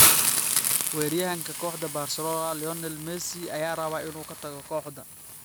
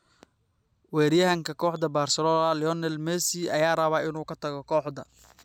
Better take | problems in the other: second | background sound (Hiss); 5 dB above the speech

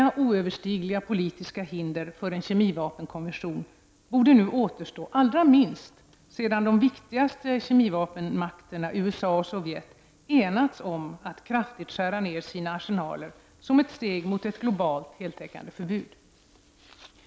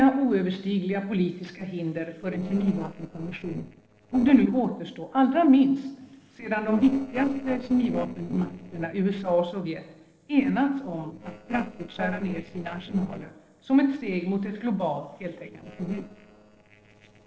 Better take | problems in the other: first | noise reduction (neural separator model SepFormer DNS4)

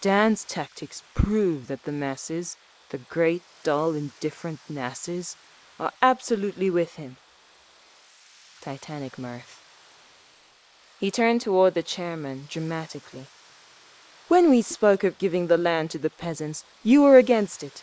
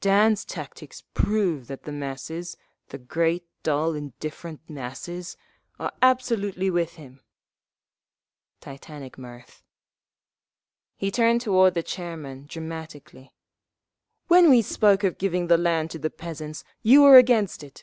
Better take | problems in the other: second | noise reduction (neural mask model Resemble Enhance denoiser)

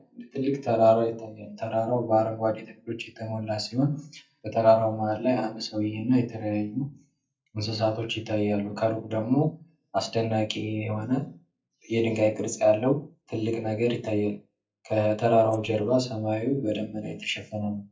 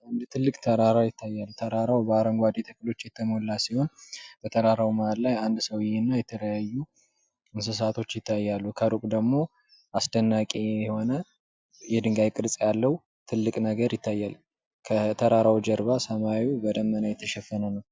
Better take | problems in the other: second | noise reduction (neural mask model DeepFilterNet 3)

